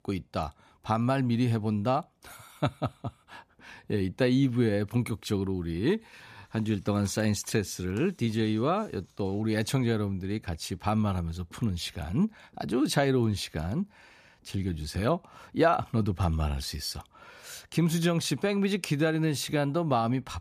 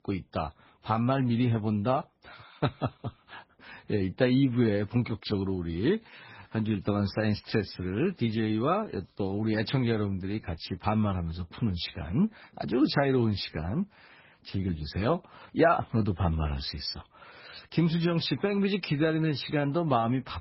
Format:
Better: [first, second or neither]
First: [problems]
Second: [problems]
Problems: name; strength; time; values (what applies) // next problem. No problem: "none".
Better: first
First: none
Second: garbled, watery; badly; nothing above 5.5 kHz